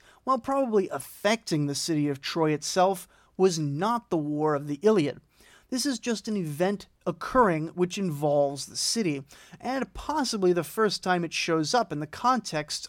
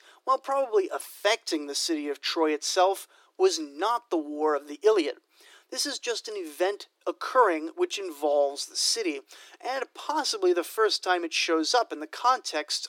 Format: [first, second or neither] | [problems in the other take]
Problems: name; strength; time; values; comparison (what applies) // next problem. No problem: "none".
first | thin; very; fading below 300 Hz